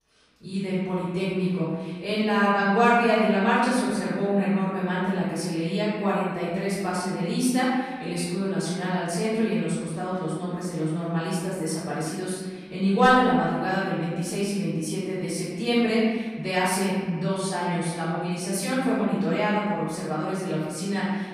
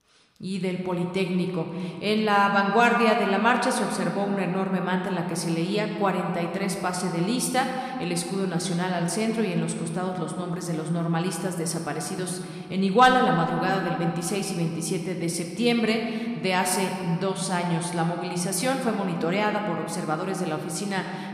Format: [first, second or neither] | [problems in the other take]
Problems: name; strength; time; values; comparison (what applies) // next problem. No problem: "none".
second | room echo; strong; dies away in 1.5 s; slight in the second // off-mic speech; far